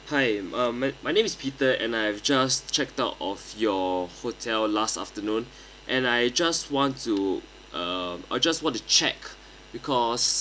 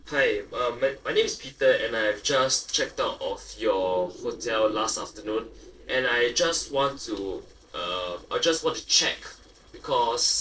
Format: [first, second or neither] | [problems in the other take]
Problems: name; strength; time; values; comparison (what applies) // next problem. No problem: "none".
first | noise reduction (neural separator model SepFormer DNS4)